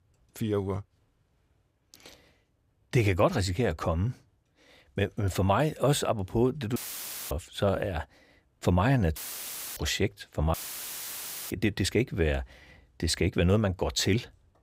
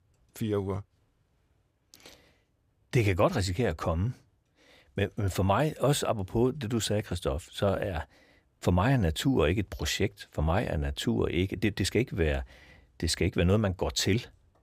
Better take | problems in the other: second | audio cutting out; filled with static; at 7 s for 0.5 s, at 9 s for 0.5 s and at 11 s for 1 s

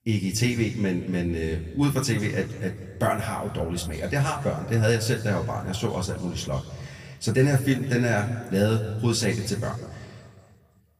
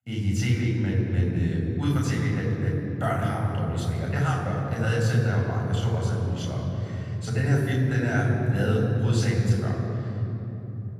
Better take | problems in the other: first | room echo; strong; dies away in 3 s; slight in the first // off-mic speech; far; somewhat distant in the first

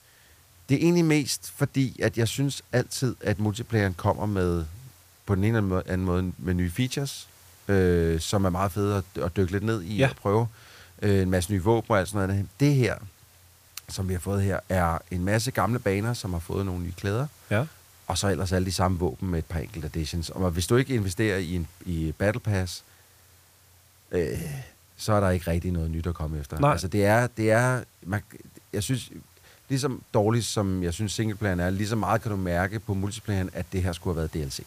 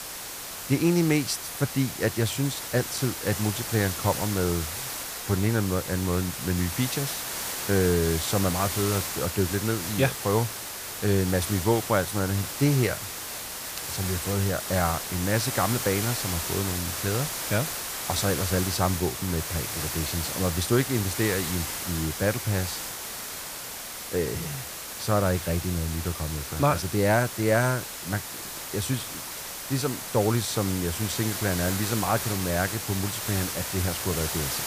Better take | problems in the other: first | hiss; loud; throughout; 4 dB below the speech; faint in the first

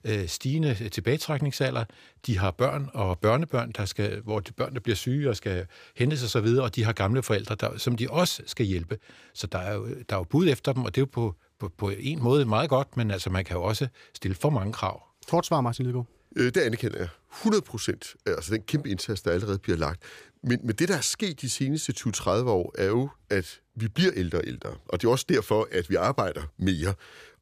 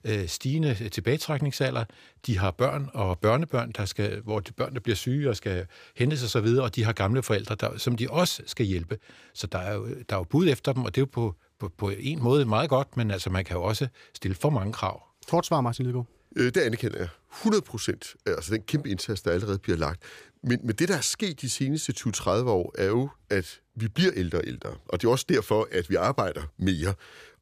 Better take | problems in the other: neither | none

